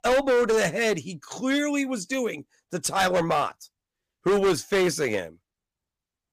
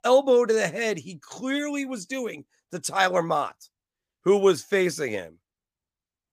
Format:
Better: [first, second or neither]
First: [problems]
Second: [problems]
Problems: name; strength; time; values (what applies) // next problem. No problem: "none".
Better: second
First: distortion; heavy; 10% of the sound clipped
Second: none